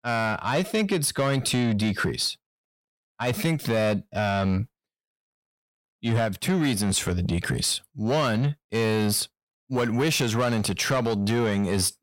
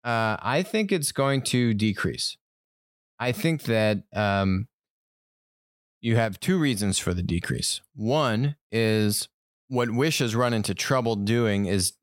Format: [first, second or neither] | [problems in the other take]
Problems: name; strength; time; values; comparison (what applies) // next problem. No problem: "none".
second | distortion; slight; 10 dB below the speech